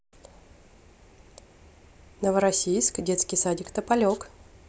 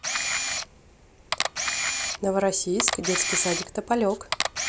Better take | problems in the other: first | background sound (Camera); 1 dB below the speech

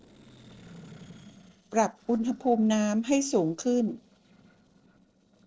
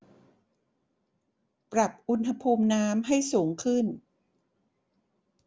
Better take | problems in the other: second | noise reduction (neural separator model SepFormer DNS4)

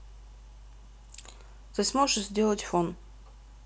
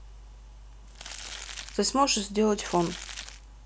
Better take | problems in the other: first | background sound (Crumpling, crinkling); 12 dB below the speech

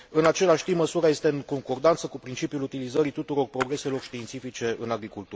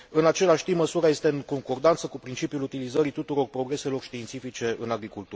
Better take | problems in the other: second | background sound (Splash, splatter); 15 dB below the speech

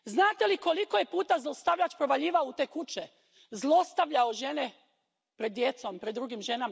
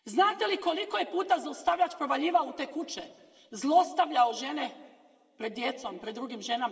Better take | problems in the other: first | room echo; dies away in 2 s

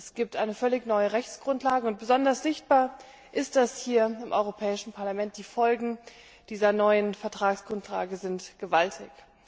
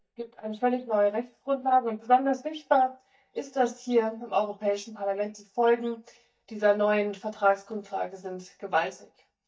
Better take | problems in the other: first | noise reduction (neural mask model DeepFilterNet 3)

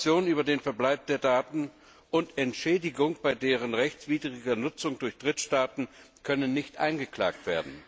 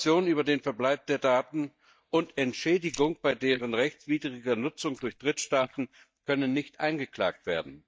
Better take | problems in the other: first | noise reduction (neural mask model DeepFilterNet 3)

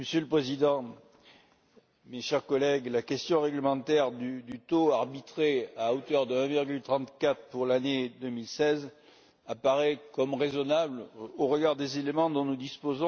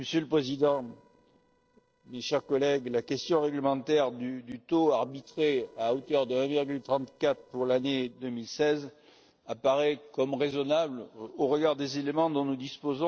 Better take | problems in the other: first | noise reduction (neural separator model SepFormer DNS4)

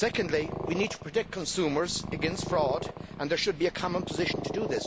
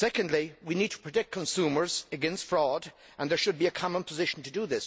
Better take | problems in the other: second | background sound (Purr); 7 dB below the speech

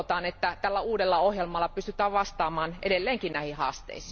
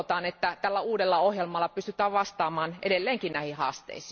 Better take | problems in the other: second | background sound (Sliding door); 18 dB below the speech

